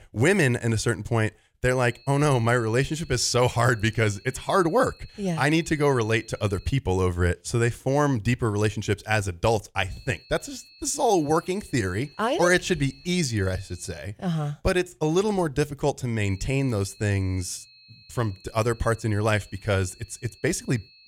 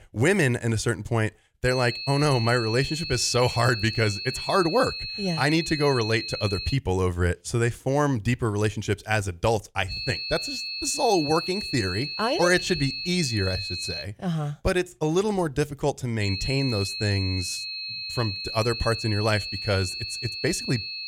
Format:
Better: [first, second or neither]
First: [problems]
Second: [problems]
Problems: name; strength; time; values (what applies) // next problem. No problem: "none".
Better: first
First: high-pitched whine; faint; from 1.5 to 7 s, from 10 to 14 s and from 16 s on; 4.5 kHz, 25 dB below the speech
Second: high-pitched whine; loud; from 1.5 to 7 s, from 10 to 14 s and from 16 s on; 4.5 kHz, 5 dB below the speech